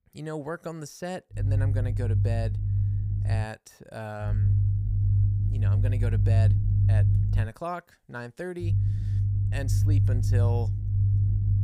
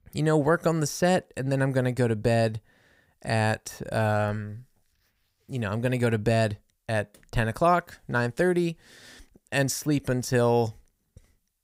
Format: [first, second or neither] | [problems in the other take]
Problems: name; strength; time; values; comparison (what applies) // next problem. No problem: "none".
second | low rumble; loud; from 1.5 to 3.5 s, from 4.5 to 7.5 s and from 8.5 s on; 2 dB below the speech